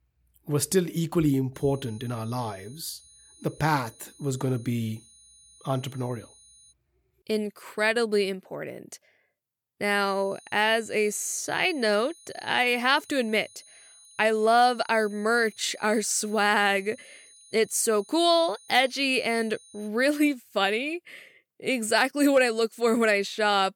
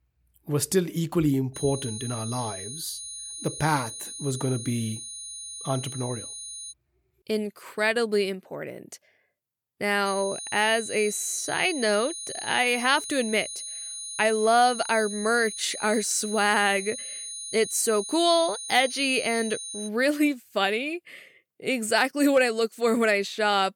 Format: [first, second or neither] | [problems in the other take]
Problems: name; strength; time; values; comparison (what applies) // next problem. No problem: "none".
first | high-pitched whine; loud; from 1.5 to 6.5 s and from 10 to 20 s; 9.5 kHz, 9 dB below the speech; faint in the first